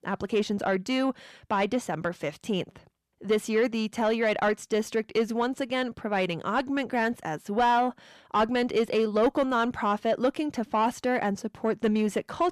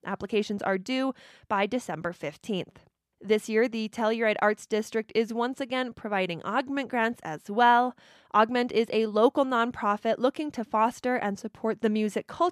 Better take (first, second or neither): second